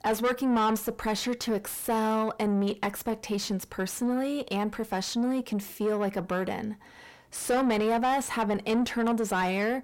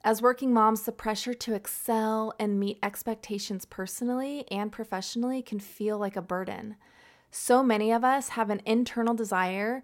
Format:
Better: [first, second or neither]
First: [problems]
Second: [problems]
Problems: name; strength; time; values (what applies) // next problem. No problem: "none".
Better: second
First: distortion; heavy; 7 dB below the speech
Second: none